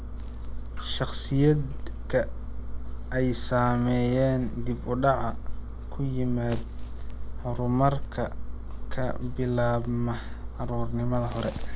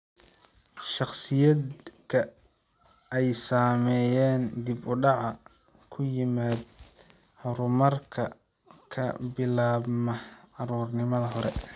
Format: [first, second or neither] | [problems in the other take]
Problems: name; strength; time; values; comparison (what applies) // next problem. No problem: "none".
second | background sound (Engine); 3 dB below the speech